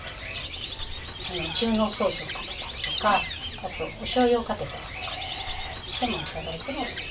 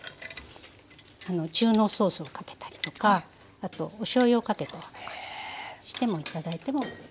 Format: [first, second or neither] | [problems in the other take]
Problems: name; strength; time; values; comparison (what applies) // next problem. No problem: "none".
second | background sound (Bird); 5 dB below the speech // room echo; dies away in 0.2 s